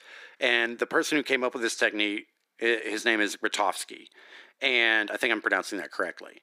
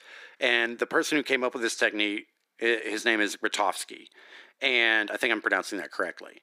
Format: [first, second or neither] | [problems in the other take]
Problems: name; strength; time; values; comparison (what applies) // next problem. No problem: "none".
neither | thin; very; fading below 300 Hz; the same in both